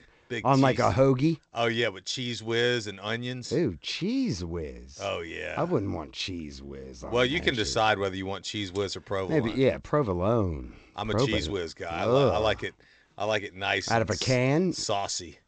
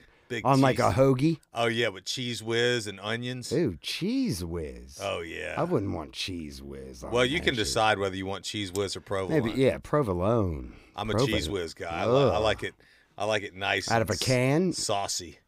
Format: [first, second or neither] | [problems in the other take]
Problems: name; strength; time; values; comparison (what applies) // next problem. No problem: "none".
second | garbled, watery; slightly; nothing above 7.5 kHz